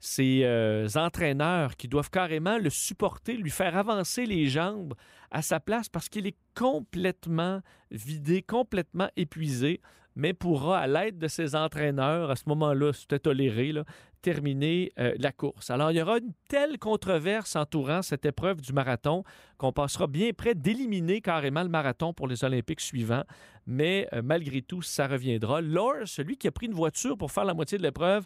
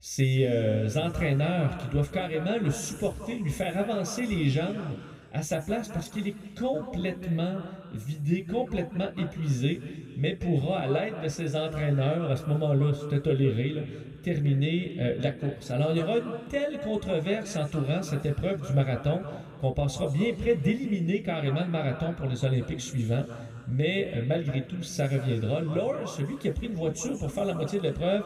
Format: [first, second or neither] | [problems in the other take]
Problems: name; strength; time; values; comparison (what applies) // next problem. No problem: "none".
first | room echo; slight; dies away in 1.9 s